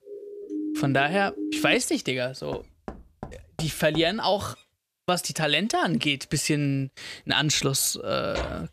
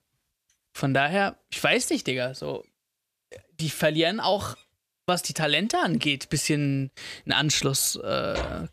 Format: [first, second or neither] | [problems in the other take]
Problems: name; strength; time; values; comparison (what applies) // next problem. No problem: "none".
second | siren; noticeable; until 2 s; peak 5 dB below the speech // door banging; faint; from 2.5 to 4 s; peak 15 dB below the speech